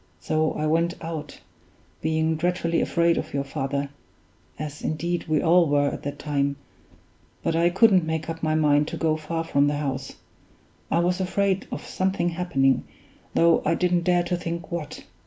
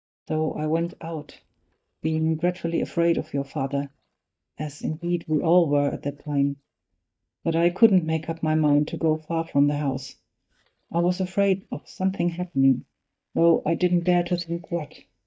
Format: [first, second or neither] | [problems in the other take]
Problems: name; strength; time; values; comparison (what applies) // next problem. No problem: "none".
first | noise reduction (neural mask model DeepFilterNet 3)